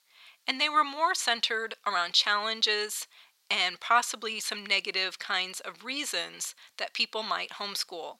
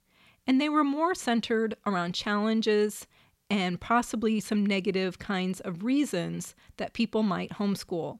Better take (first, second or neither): second